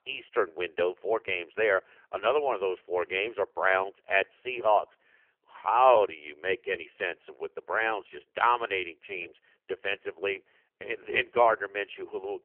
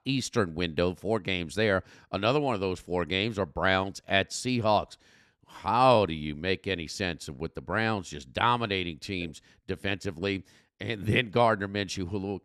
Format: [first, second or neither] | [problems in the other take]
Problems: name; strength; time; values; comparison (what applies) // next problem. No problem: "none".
second | phone-call audio; poor line; nothing above 3 kHz